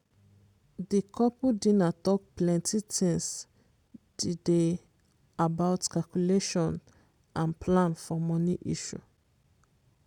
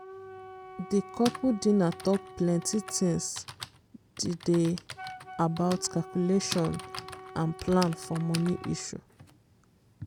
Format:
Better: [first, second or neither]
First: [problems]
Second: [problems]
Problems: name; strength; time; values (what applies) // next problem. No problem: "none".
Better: first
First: none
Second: background sound (Wind instrument, woodwind instrument + Typing); 13 dB below the speech